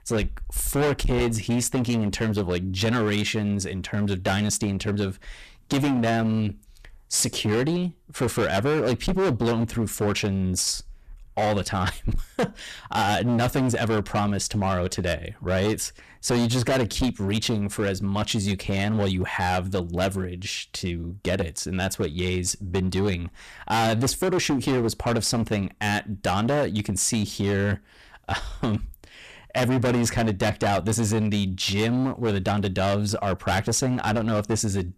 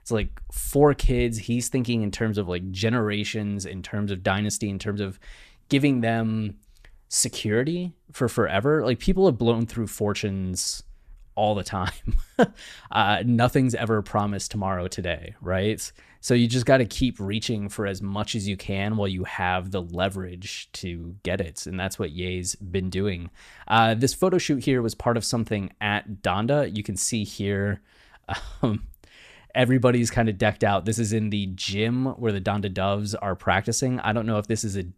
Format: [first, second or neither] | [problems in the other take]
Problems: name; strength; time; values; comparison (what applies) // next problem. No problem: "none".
second | distortion; heavy; 17% of the sound clipped